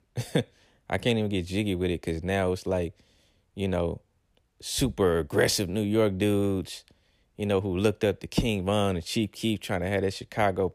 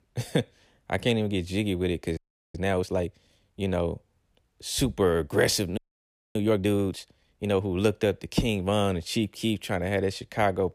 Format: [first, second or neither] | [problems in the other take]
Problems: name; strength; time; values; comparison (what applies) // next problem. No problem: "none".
first | audio freezing; at 2 s and at 6 s for 0.5 s